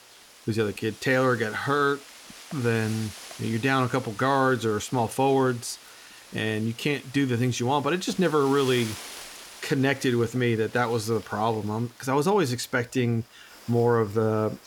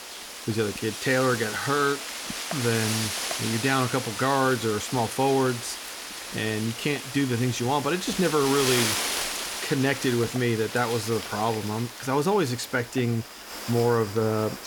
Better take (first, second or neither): first